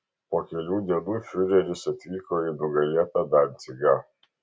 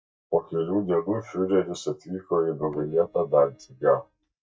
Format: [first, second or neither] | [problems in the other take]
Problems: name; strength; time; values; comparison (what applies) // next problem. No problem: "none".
first | noise reduction (neural mask model DeepFilterNet 3)